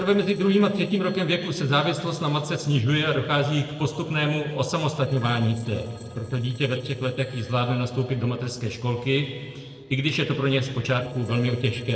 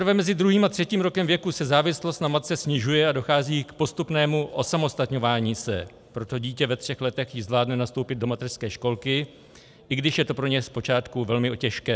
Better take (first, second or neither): second